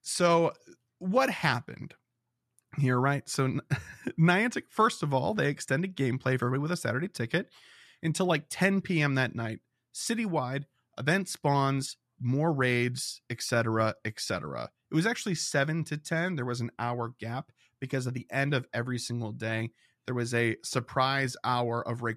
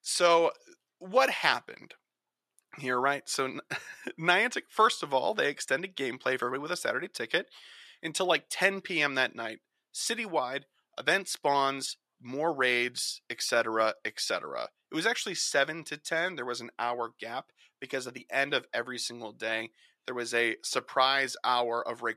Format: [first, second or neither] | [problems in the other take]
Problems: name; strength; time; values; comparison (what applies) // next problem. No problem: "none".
first | thin; very; fading below 500 Hz